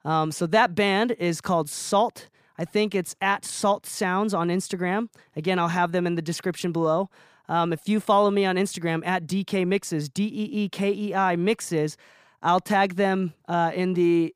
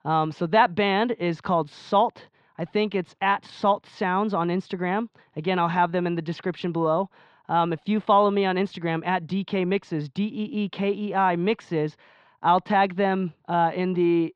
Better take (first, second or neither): first